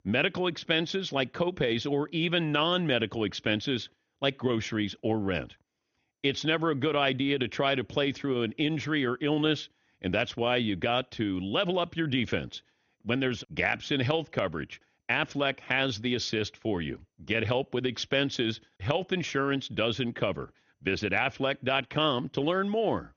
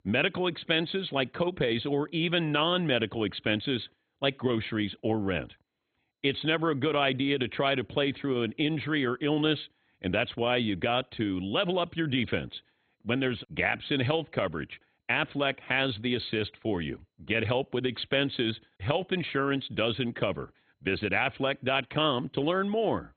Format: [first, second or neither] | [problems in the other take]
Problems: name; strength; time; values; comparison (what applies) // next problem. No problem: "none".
first | garbled, watery; badly; nothing above 3.5 kHz; slightly in the first